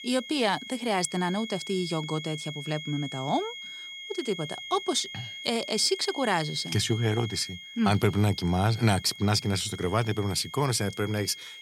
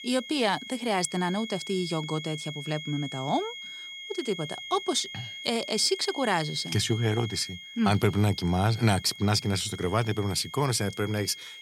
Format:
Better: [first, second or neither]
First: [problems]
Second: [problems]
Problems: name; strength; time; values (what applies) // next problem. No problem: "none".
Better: neither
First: high-pitched whine; noticeable; throughout; 3.5 kHz, 10 dB below the speech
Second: high-pitched whine; noticeable; throughout; 3.5 kHz, 10 dB below the speech